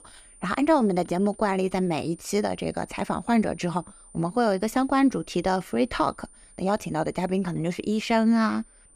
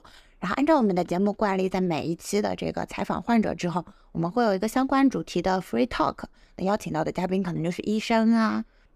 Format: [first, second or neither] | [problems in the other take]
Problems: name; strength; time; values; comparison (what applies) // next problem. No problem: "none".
second | high-pitched whine; faint; throughout; 9 kHz, 25 dB below the speech